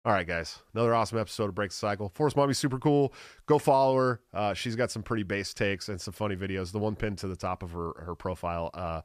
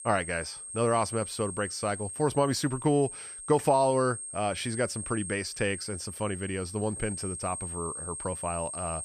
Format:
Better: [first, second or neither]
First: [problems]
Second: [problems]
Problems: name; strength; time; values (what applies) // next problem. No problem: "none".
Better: first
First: none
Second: high-pitched whine; loud; throughout; 8.5 kHz, 7 dB below the speech